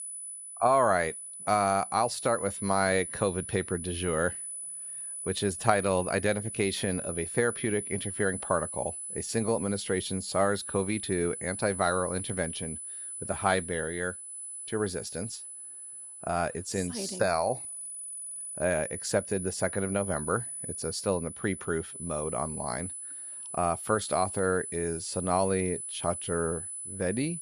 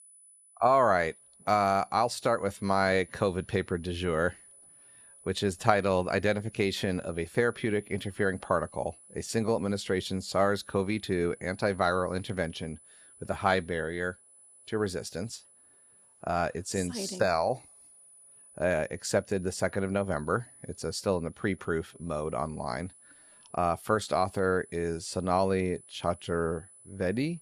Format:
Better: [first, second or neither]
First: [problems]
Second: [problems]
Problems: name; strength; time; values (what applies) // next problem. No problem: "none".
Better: second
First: high-pitched whine; loud; throughout; 10 kHz, 7 dB below the speech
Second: high-pitched whine; faint; throughout; 10 kHz, 25 dB below the speech